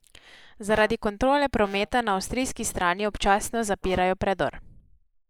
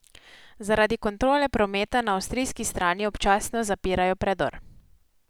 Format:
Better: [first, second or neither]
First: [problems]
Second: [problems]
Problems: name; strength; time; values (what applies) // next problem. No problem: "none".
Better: second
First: noise reduction (neural mask model Resemble Enhance denoiser)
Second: none